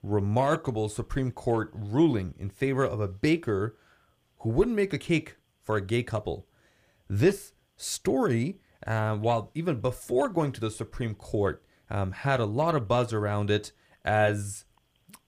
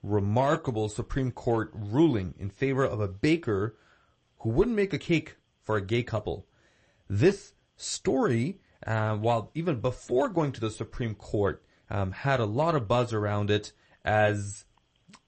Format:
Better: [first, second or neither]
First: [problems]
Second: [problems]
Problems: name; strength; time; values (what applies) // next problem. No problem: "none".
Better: first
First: none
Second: garbled, watery; slightly; nothing above 8 kHz